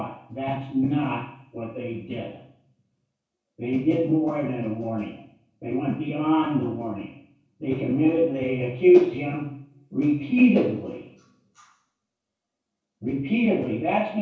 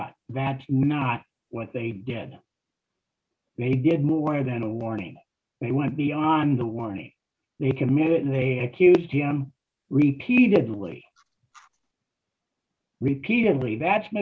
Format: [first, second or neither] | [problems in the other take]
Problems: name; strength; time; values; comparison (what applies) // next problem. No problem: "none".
second | room echo; dies away in 0.7 s